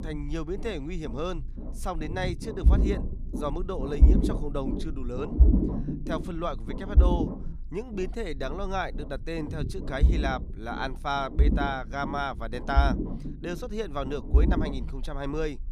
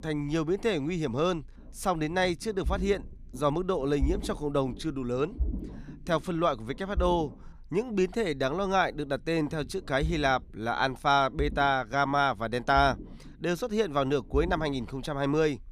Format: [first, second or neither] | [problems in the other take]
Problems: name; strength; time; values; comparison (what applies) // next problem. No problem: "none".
second | low rumble; loud; throughout; 7 dB below the speech; faint in the second